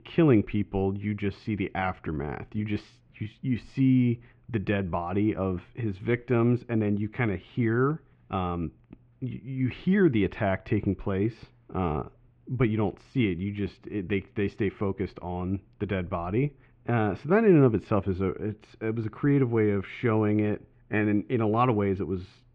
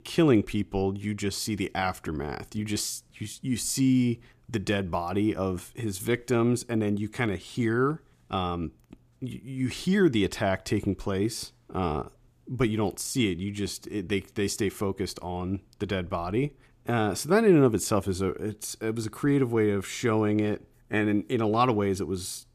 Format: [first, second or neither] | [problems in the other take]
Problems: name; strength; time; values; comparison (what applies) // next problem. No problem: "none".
second | muffled; very; fading above 2.5 kHz